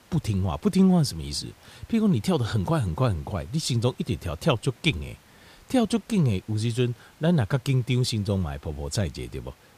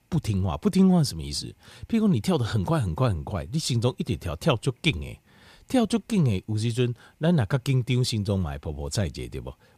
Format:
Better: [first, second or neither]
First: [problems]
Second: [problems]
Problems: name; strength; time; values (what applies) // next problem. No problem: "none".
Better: second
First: hiss; faint; throughout; 30 dB below the speech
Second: none